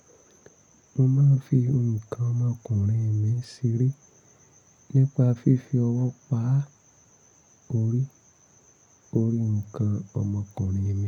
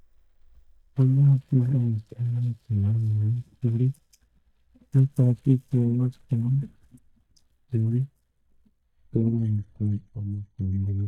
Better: first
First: none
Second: noise reduction (neural mask model DeepFilterNet 3)

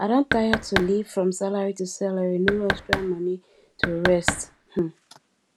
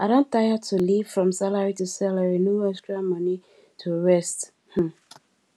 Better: second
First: background sound (Knock); 4 dB below the speech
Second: none

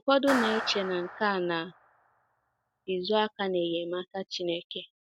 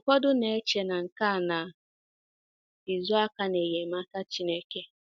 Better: second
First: background sound (Clapping); 8 dB below the speech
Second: none

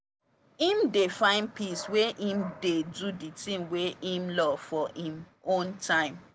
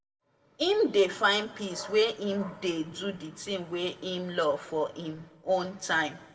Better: first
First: none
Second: room echo; dies away in 0.8 s

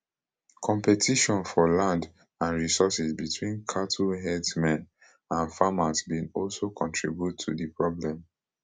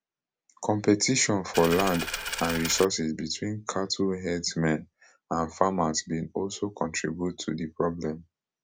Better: first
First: none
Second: background sound (Coin (dropping)); 5 dB below the speech

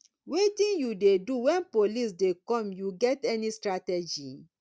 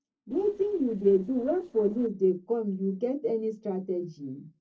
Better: first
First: none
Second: noise reduction (neural separator model SepFormer DNS4)

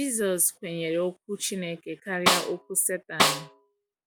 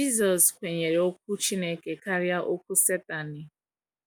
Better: second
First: background sound (Snare drum); 3 dB above the speech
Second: none

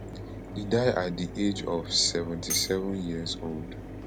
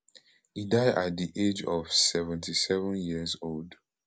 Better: second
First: background sound (Mechanisms + Tambourine); 8 dB below the speech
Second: none

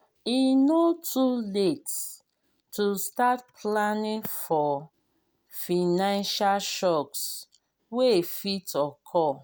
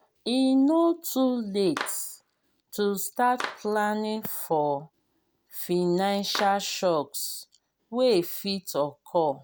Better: first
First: none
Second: background sound (Clapping); 13 dB below the speech

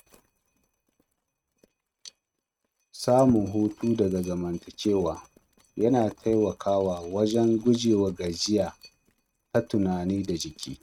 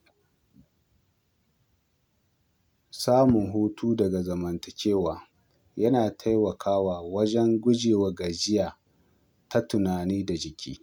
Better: second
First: noise reduction (neural mask model RNNoise)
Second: none

